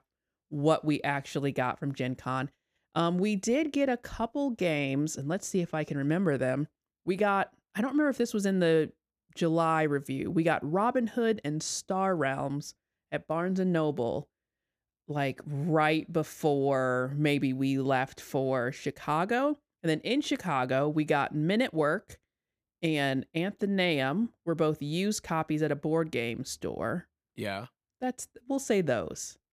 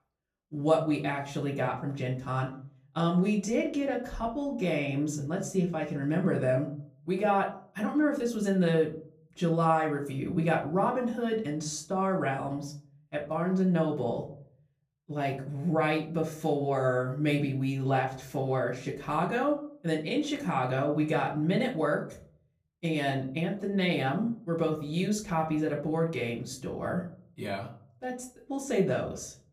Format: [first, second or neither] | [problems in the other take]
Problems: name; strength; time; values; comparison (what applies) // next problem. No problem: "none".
first | off-mic speech; far // room echo; slight; dies away in 0.4 s